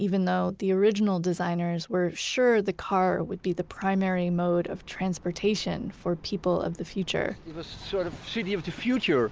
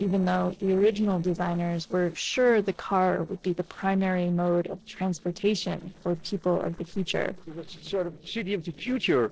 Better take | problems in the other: first | noise reduction (neural separator model SepFormer DNS4)

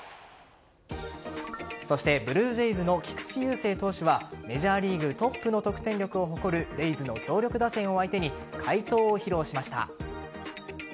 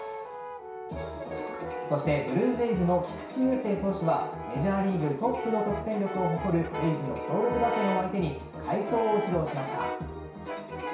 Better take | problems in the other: first | background sound (Brass instrument); 7 dB below the speech // room echo; dies away in 0.6 s

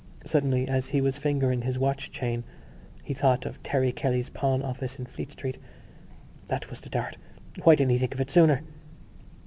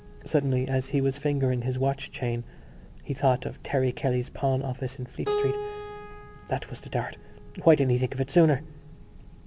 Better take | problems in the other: first | background sound (Keyboard (musical)); 13 dB below the speech

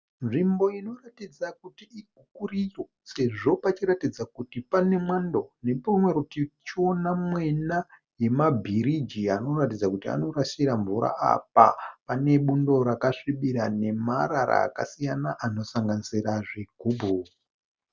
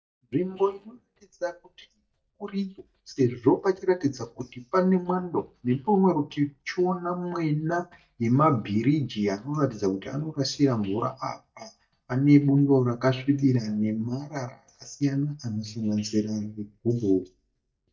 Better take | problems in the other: first | noise reduction (neural mask model DeepFilterNet 3)

